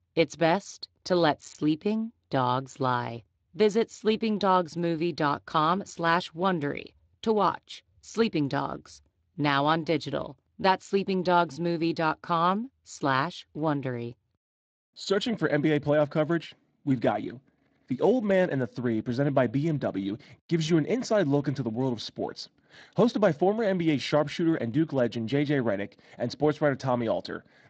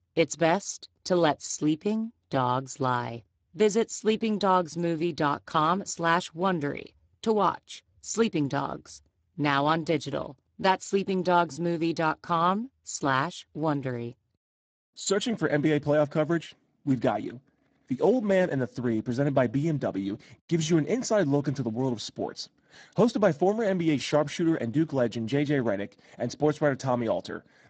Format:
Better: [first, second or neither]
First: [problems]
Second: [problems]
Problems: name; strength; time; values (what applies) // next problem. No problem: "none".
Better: first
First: garbled, watery; slightly; nothing above 7.5 kHz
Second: garbled, watery; badly; nothing above 7.5 kHz